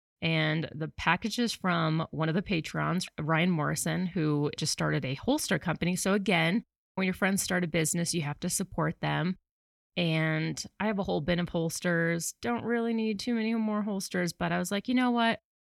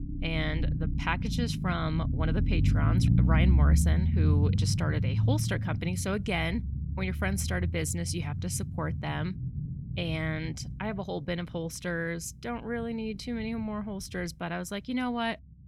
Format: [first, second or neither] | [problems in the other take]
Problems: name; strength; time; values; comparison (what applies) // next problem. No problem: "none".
first | low rumble; loud; throughout; 7 dB below the speech